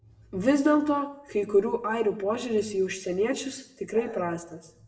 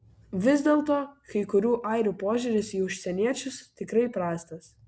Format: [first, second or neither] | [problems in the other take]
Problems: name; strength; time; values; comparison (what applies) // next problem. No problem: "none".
second | background sound (Bark); 16 dB below the speech // room echo; dies away in 0.6 s